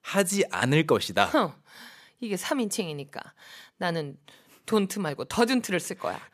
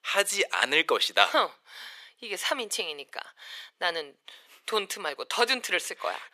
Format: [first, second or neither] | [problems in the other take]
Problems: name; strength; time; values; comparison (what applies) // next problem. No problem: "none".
first | thin; very; fading below 450 Hz